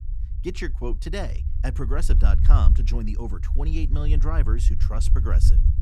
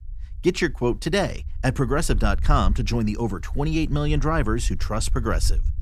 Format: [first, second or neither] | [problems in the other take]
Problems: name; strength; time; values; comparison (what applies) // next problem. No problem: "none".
second | low rumble; loud; throughout; 8 dB below the speech; faint in the second